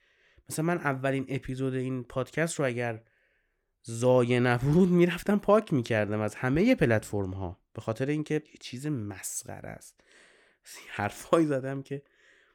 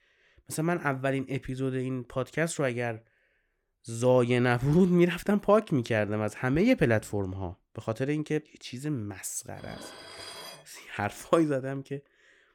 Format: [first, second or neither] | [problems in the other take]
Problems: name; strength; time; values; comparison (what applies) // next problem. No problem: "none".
first | clattering dishes; faint; from 9.5 to 11 s; peak 15 dB below the speech